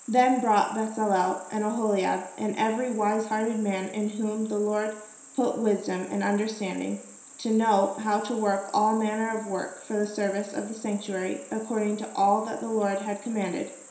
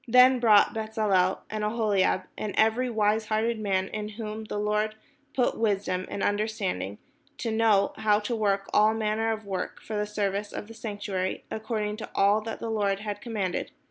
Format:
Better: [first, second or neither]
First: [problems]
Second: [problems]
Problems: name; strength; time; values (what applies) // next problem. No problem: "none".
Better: second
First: background sound (Cricket); 19 dB below the speech // room echo; dies away in 0.7 s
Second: none